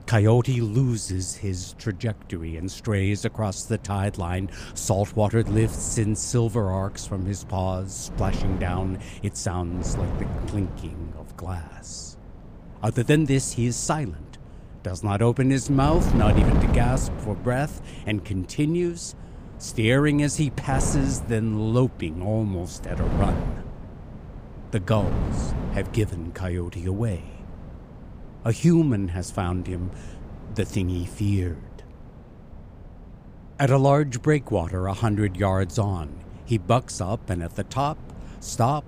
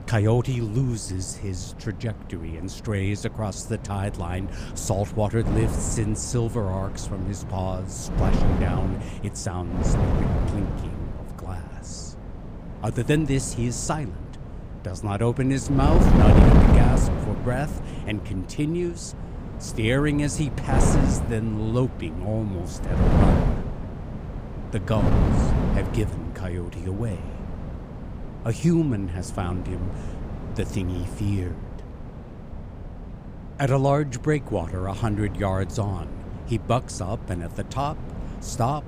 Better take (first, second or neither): first